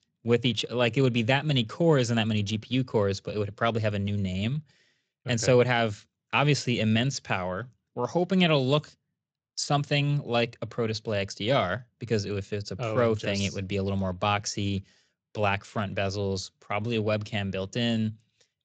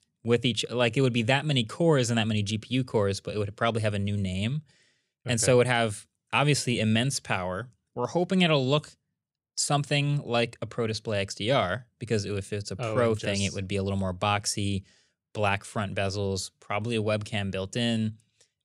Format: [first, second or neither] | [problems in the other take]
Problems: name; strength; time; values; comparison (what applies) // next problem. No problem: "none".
second | garbled, watery; slightly; nothing above 7.5 kHz